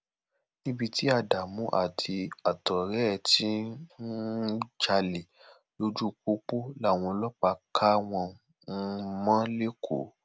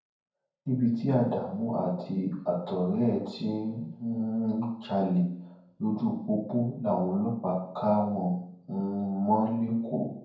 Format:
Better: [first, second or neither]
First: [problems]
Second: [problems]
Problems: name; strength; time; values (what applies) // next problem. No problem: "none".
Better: first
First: none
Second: room echo; dies away in 0.9 s